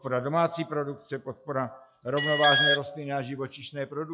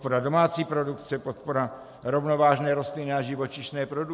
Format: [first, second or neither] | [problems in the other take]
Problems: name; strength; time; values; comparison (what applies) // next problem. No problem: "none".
second | noise reduction (classical method log-MMSE)